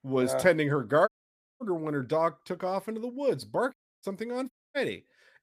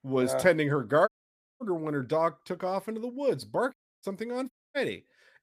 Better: neither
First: audio cutting out; at 1 s for 0.5 s, at 3.5 s and at 4.5 s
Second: audio cutting out; at 1 s for 0.5 s, at 3.5 s and at 4.5 s

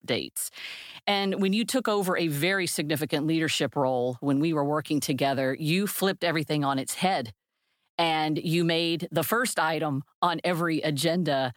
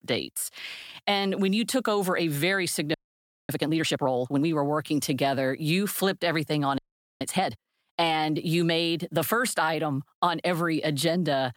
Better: first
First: none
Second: audio freezing; at 3 s for 0.5 s and at 7 s

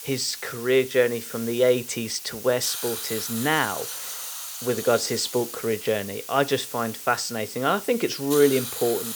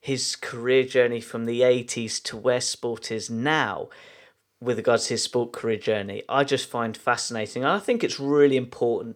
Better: second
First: hiss; loud; throughout; 8 dB below the speech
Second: none

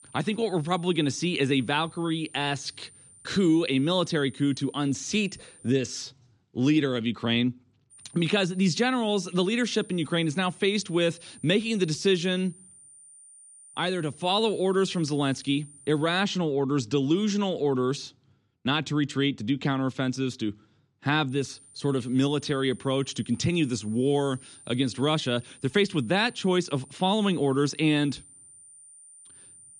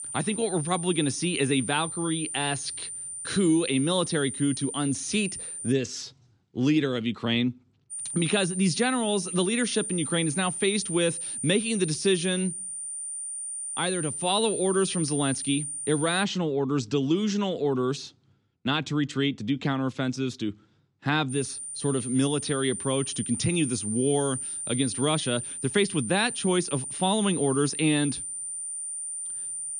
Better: first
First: high-pitched whine; faint; until 5.5 s, from 8 to 16 s and from 21 s on; 9 kHz, 25 dB below the speech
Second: high-pitched whine; loud; until 5.5 s, from 8 to 16 s and from 21 s on; 9 kHz, 5 dB below the speech

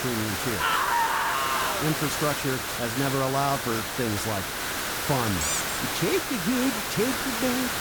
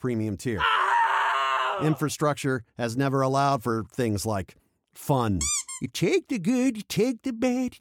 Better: second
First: hiss; loud; throughout; as loud as the speech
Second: none

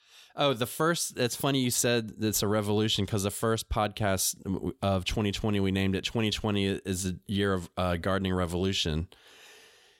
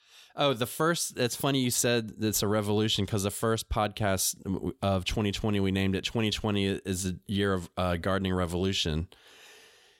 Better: neither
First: none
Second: none

